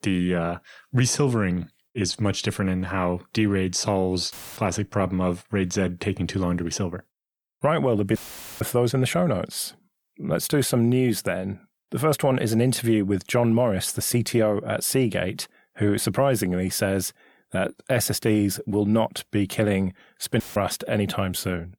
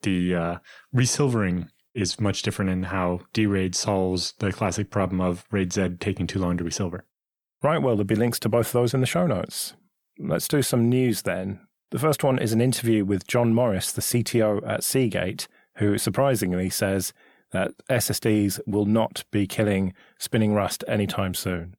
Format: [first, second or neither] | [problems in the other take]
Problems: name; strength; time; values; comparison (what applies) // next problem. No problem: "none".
second | audio cutting out; filled with static; at 4.5 s, at 8 s and at 20 s